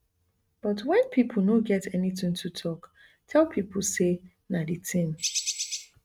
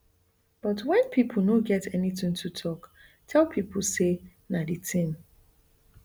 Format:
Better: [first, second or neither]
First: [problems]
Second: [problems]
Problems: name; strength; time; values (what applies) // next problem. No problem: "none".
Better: second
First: noise reduction (neural mask model RNNoise)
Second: none